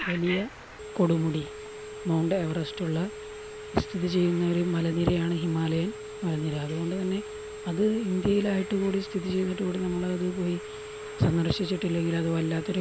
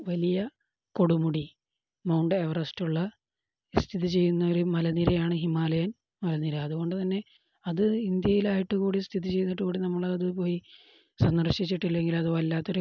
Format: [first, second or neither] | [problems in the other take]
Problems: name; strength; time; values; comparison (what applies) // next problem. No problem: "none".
second | background sound (Telephone); 11 dB below the speech